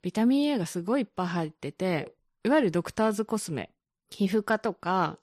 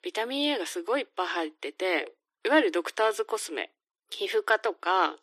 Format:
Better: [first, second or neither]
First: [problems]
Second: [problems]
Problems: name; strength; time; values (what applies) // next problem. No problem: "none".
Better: first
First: none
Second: thin; somewhat; fading below 300 Hz